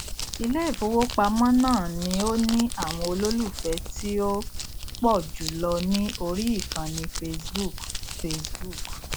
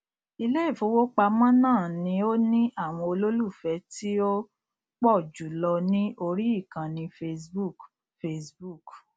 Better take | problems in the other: second | background sound (Crumpling, crinkling); 6 dB below the speech

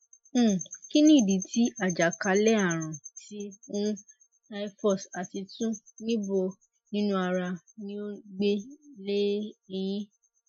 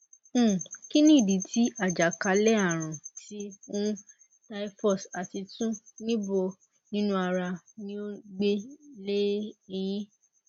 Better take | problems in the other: second | noise reduction (classical method Wiener filter)

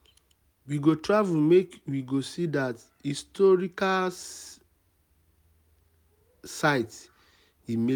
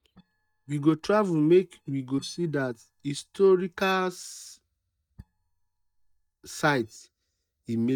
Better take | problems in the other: first | noise reduction (neural mask model DeepFilterNet 3)

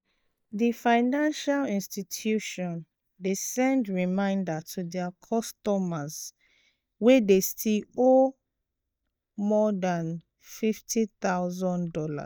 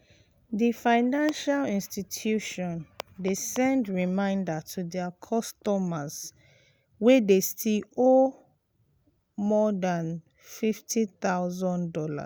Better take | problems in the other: second | noise reduction (neural mask model DeepFilterNet 3)

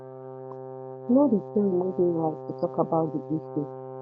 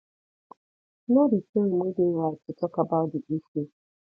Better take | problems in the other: second | background sound (Brass instrument); 11 dB below the speech

